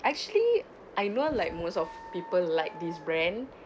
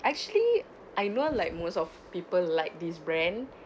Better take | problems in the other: second | background sound (Dog); 17 dB below the speech

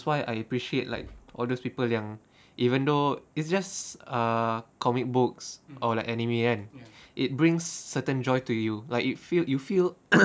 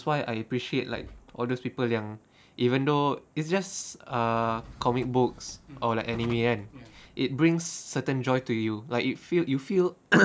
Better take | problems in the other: first | background sound (Drawer open or close); 20 dB below the speech

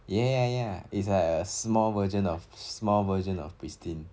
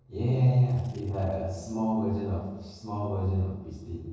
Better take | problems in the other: first | noise reduction (neural separator model SepFormer DNS4)

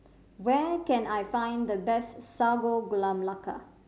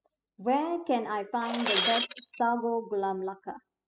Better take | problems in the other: first | noise reduction (classical method spectral subtraction)

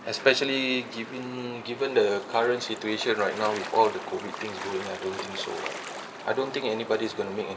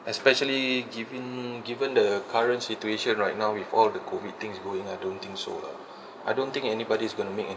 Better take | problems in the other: second | background sound (Gull, seagull / Waves, surf); 13 dB below the speech

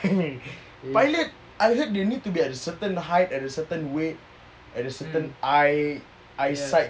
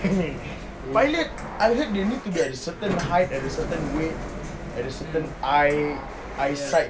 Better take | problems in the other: first | background sound (Sliding door); 8 dB below the speech

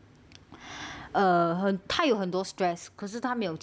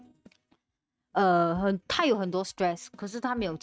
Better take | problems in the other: first | noise reduction (neural mask model RNNoise)

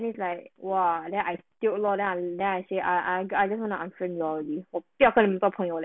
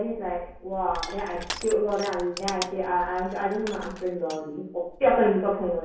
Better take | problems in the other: first | background sound (Crushing); 13 dB below the speech // room echo; dies away in 0.6 s

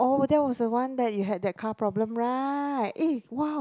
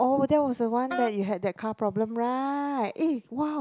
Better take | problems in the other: first | background sound (Wind instrument, woodwind instrument); 10 dB below the speech

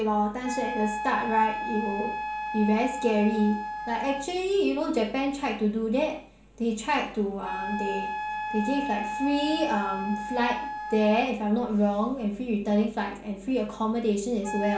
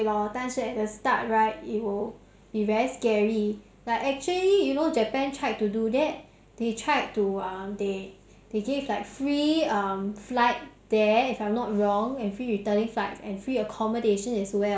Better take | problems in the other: second | background sound (Wind instrument, woodwind instrument); 8 dB below the speech // room echo; dies away in 0.4 s

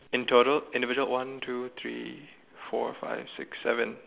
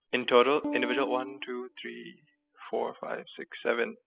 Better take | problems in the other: first | noise reduction (classical method spectral subtraction)

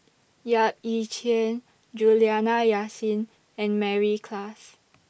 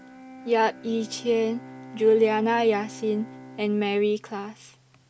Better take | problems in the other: first | background sound (Bowed string instrument); 18 dB below the speech

